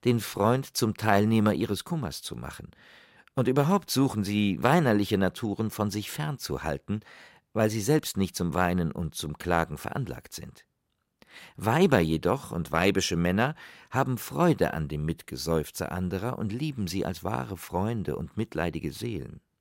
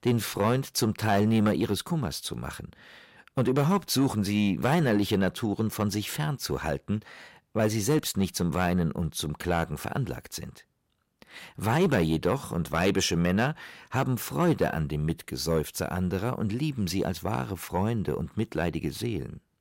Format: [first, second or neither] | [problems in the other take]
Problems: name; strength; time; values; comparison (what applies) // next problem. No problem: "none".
first | distortion; slight; 10 dB below the speech